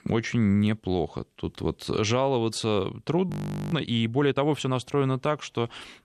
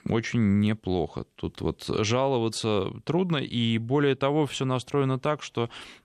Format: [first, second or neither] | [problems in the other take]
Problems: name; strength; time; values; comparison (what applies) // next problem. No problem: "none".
second | audio freezing; at 3.5 s